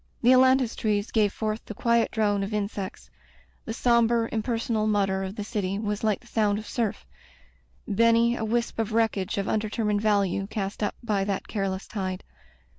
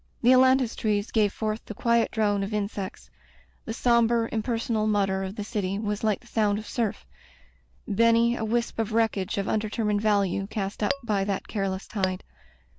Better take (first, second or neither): first